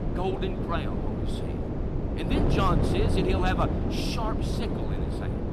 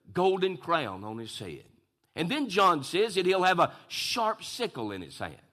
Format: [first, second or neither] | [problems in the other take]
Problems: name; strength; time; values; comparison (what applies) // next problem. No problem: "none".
second | wind noise on the microphone; heavy; 3 dB below the speech